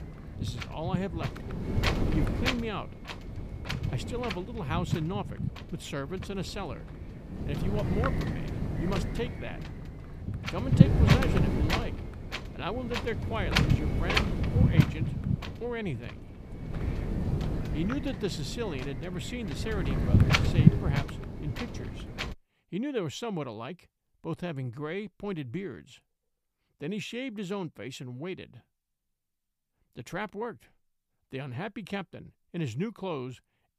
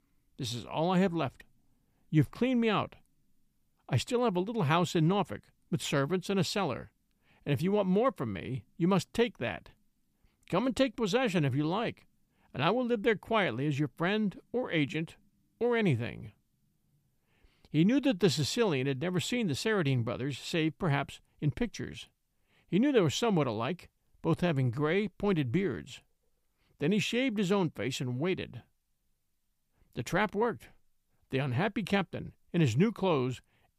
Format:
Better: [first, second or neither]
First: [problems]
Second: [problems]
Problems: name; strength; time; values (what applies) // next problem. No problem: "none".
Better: second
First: wind noise on the microphone; heavy; until 22 s; 3 dB above the speech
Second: none